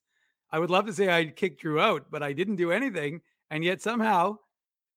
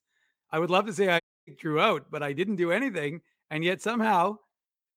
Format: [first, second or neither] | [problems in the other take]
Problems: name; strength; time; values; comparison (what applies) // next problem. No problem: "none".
first | audio cutting out; at 1 s